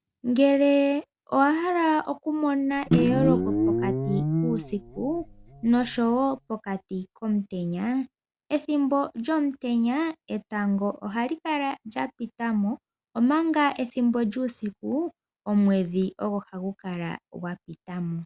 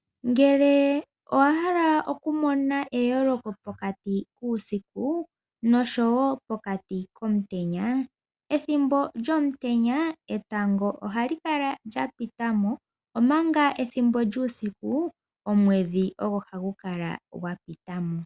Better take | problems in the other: second | background sound (Guitar); 1 dB below the speech

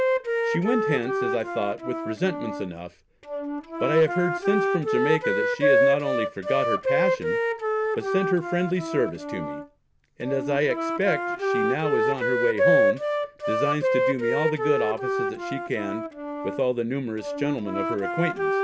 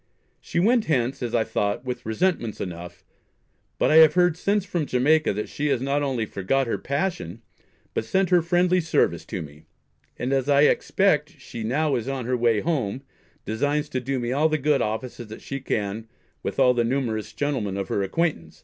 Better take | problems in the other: second | background sound (Wind instrument, woodwind instrument); 2 dB above the speech

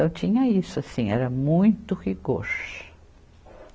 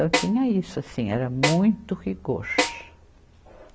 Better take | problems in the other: first | background sound (Snare drum); 4 dB below the speech

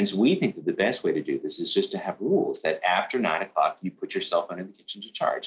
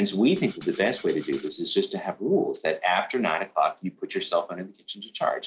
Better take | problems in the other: first | background sound (Rattle (instrument)); 20 dB below the speech

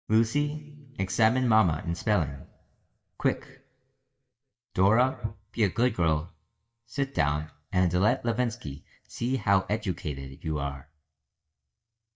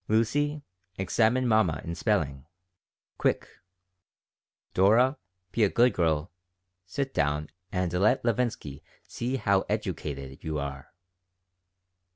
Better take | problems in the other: second | noise reduction (neural mask model DeepFilterNet 3)

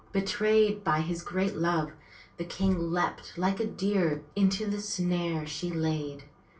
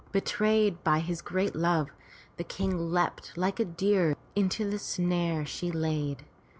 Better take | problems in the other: second | room echo; dies away in 0.2 s

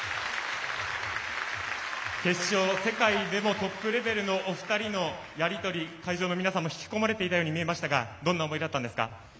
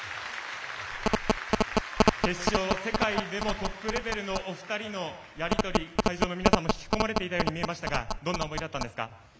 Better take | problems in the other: first | background sound (Telephone); 5 dB above the speech

